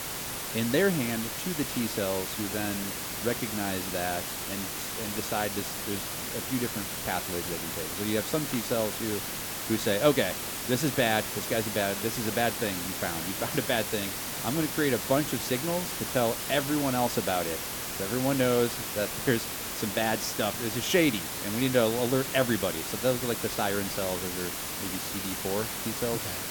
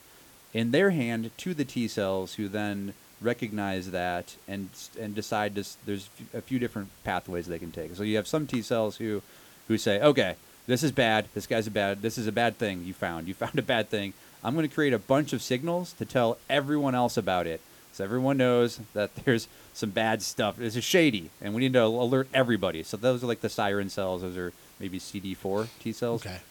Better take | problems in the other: second | hiss; loud; throughout; 2 dB below the speech; faint in the second

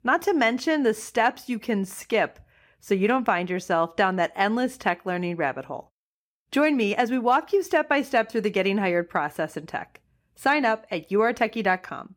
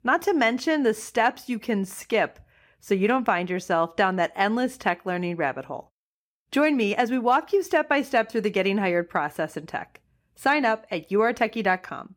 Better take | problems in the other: neither | none

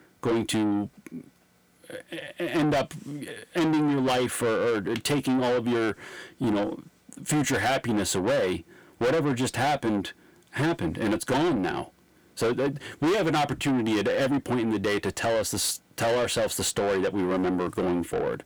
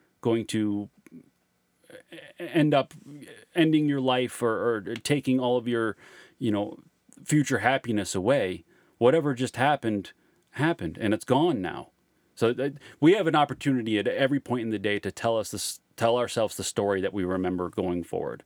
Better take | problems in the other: second | distortion; heavy; 6 dB below the speech

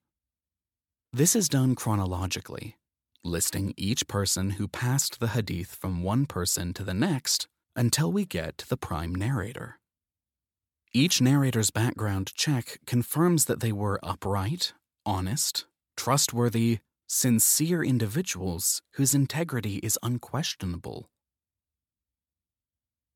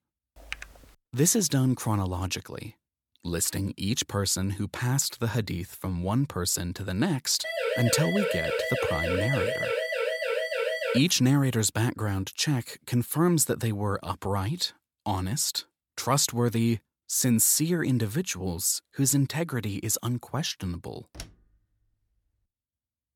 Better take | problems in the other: first | keyboard typing; faint; at 0.5 s; peak 15 dB below the speech // siren; noticeable; from 7.5 to 11 s; peak 1 dB below the speech // door banging; faint; at 21 s; peak 20 dB below the speech

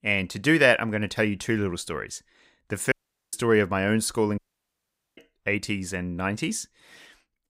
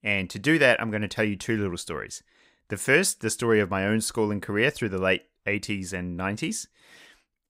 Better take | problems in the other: second | audio cutting out; at 3 s and at 4.5 s for 1 s

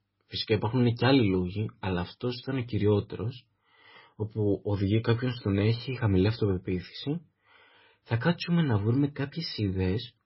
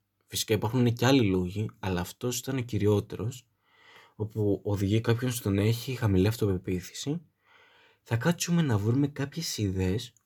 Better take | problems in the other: second | garbled, watery; badly; nothing above 5.5 kHz

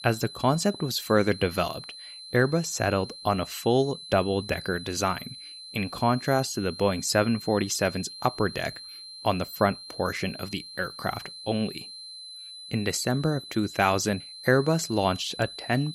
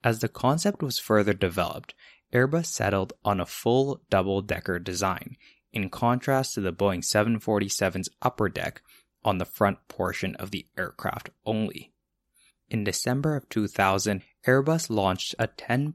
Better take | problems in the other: second | high-pitched whine; noticeable; throughout; 4 kHz, 15 dB below the speech

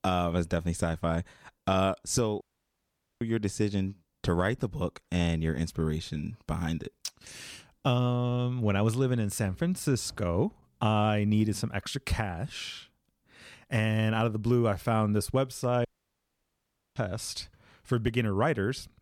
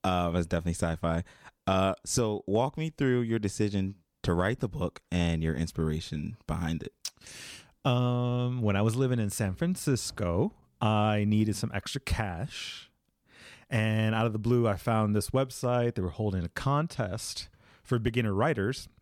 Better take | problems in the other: second | audio cutting out; at 2.5 s for 1 s and at 16 s for 1 s

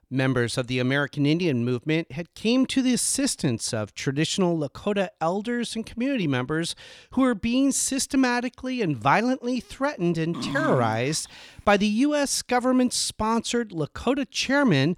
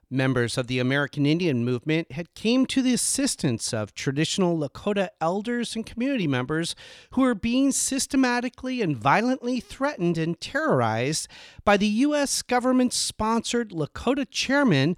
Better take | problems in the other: second | dog barking; noticeable; at 10 s; peak 6 dB below the speech

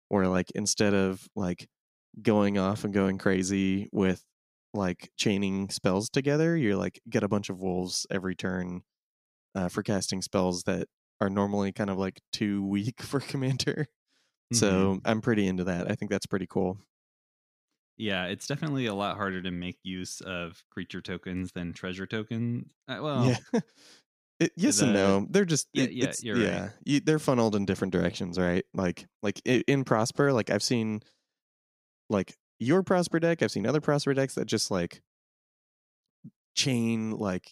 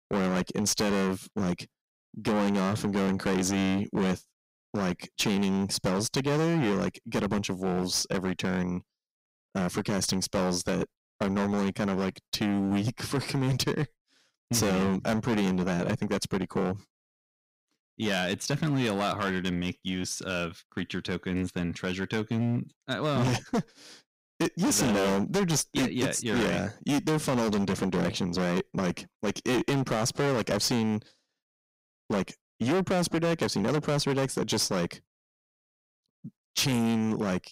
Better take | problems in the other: first | distortion; heavy; 17% of the sound clipped

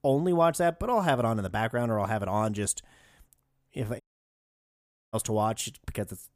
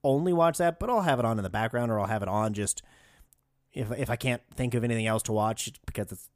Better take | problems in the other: second | audio cutting out; at 4 s for 1 s

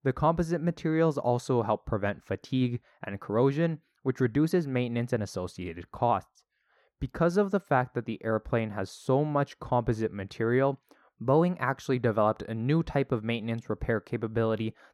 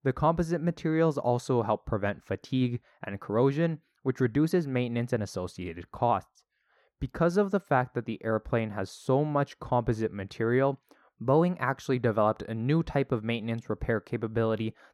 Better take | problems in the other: neither | muffled; slightly; fading above 2 kHz; the same in both

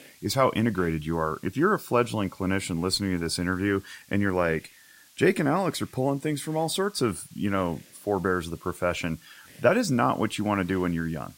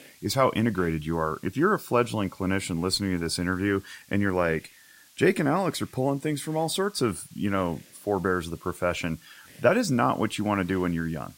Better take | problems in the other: neither | hiss; faint; throughout; 25 dB below the speech; the same in both

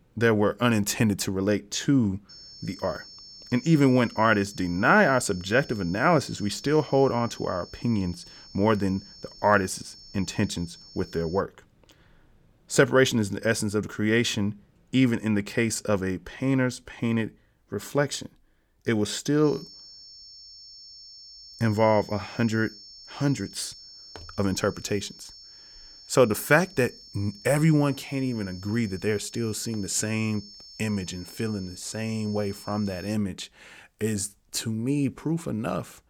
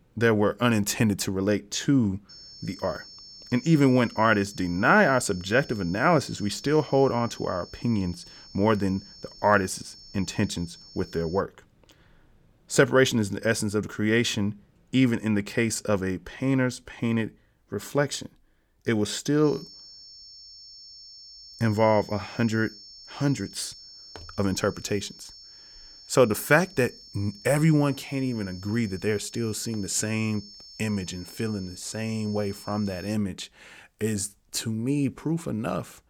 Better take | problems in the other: neither | high-pitched whine; noticeable; from 2.5 to 11 s and from 19 to 33 s; 5.5 kHz, 20 dB below the speech; the same in both

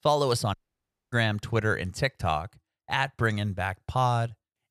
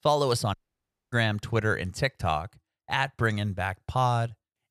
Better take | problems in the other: neither | audio cutting out; at 0.5 s for 0.5 s; the same in both

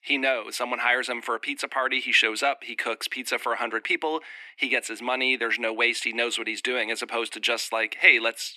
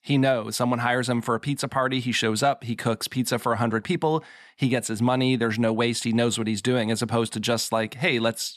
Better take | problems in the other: second | thin; somewhat; fading below 300 Hz

